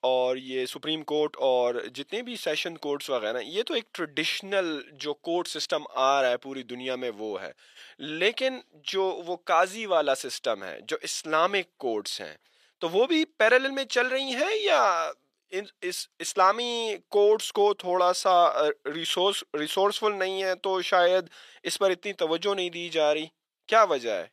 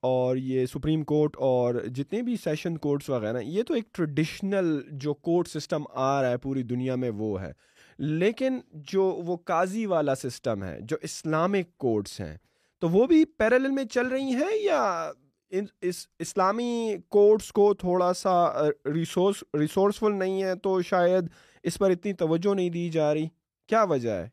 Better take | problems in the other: second | thin; somewhat; fading below 550 Hz

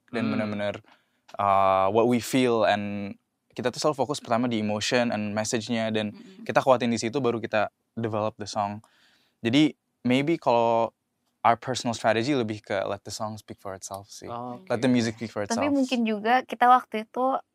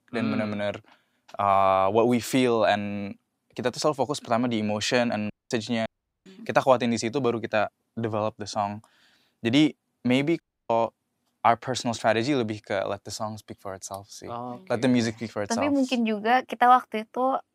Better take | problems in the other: first | audio cutting out; at 5.5 s, at 6 s and at 10 s

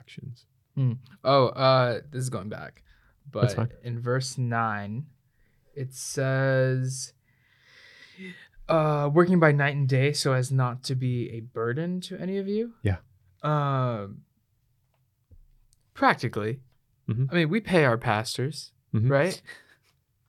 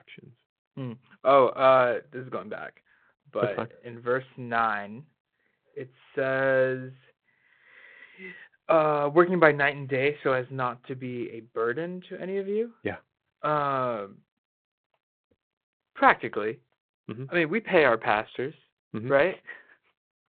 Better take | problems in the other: first | phone-call audio; nothing above 4 kHz

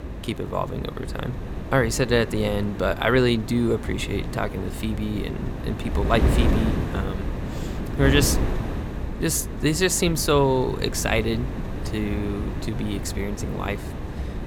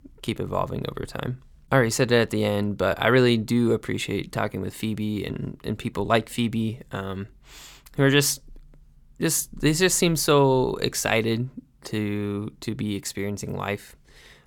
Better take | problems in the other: second | wind noise on the microphone; heavy; 9 dB below the speech

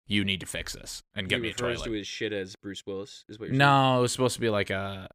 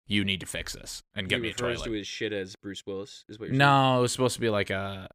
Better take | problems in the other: neither | none

